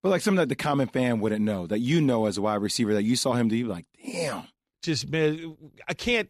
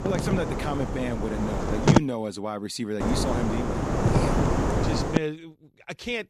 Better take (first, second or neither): first